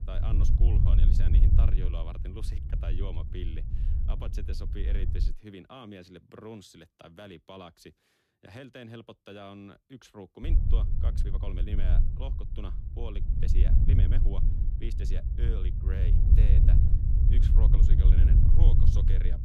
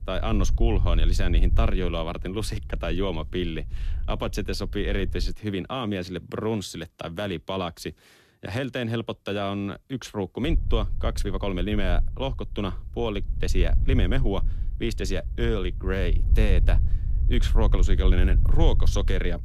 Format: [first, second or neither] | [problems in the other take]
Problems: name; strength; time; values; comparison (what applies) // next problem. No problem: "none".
second | wind noise on the microphone; heavy; until 5.5 s and from 10 s on; 2 dB above the speech; occasional gusts in the second